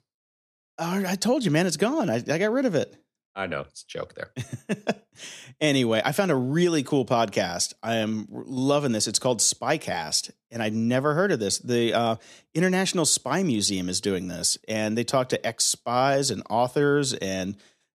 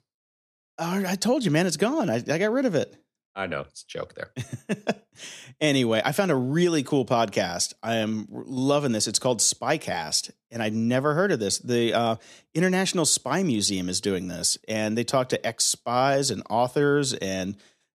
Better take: neither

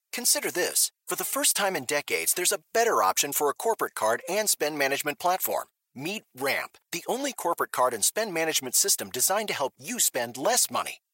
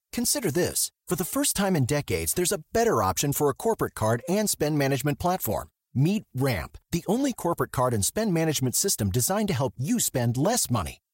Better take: second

